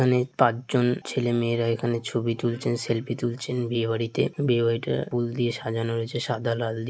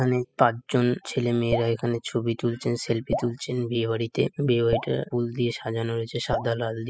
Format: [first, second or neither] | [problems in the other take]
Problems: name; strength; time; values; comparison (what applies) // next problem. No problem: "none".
first | noise reduction (classical method spectral subtraction)